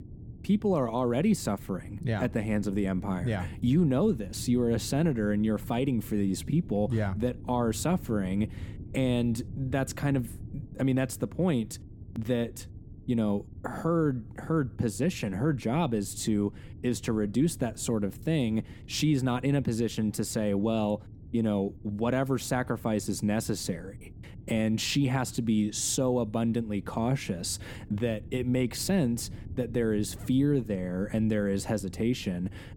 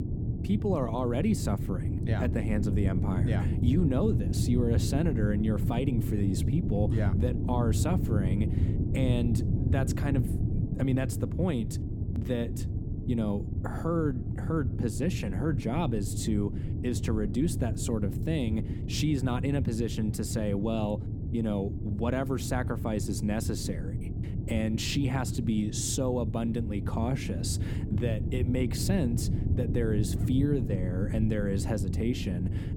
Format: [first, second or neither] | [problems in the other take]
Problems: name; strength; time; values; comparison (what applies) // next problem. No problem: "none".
first | low rumble; loud; throughout; 7 dB below the speech; faint in the first